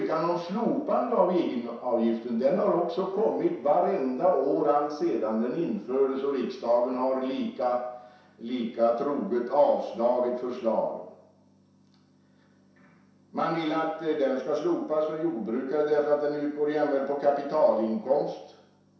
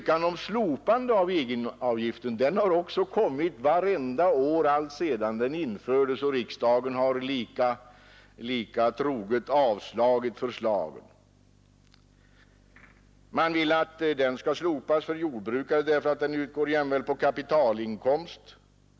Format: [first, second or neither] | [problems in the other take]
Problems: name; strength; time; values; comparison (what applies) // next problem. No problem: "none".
second | room echo; dies away in 0.7 s